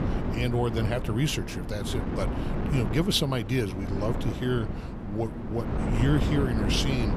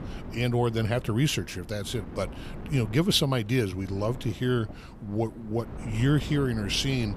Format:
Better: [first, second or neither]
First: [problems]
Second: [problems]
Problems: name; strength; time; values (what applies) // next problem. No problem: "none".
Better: second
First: wind noise on the microphone; heavy; 5 dB below the speech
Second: wind noise on the microphone; occasional gusts; 15 dB below the speech